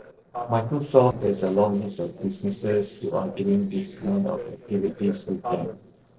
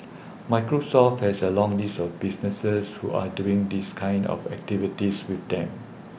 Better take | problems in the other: second | noise reduction (neural separator model SepFormer DNS4)

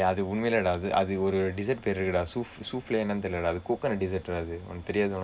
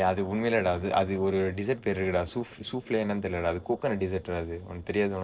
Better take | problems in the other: first | noise reduction (neural separator model SepFormer DNS4)

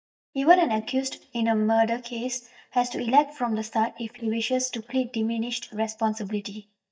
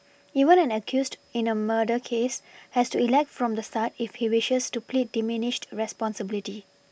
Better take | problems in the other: second | noise reduction (neural mask model DeepFilterNet 3)

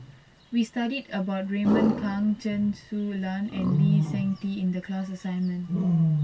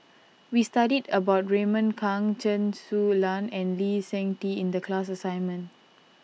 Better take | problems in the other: second | background sound (Wild animals); 1 dB below the speech // room echo; dies away in 0.1 s

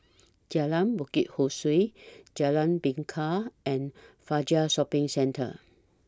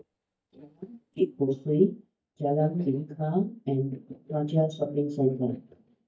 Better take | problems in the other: first | noise reduction (neural mask model DeepFilterNet 3)

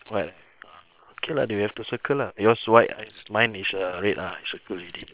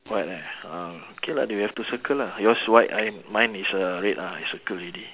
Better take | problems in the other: second | noise reduction (neural separator model SepFormer WHAM!)

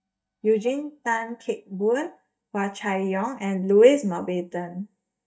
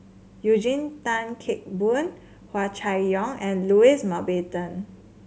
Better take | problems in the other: second | noise reduction (neural mask model DeepFilterNet 3)

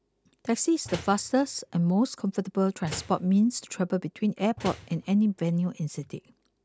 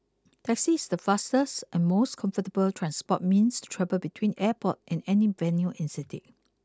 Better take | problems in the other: second | background sound (Slam); 16 dB below the speech

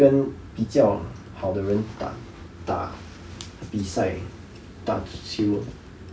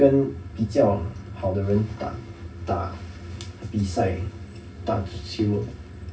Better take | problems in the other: first | room echo; dies away in 0.4 s

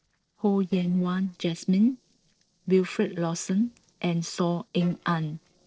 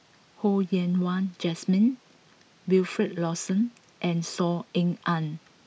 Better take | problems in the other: second | noise reduction (neural separator model SepFormer DNS4)

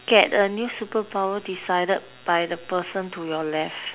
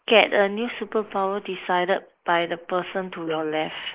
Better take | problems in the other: first | noise reduction (neural mask model Resemble Enhance denoiser)

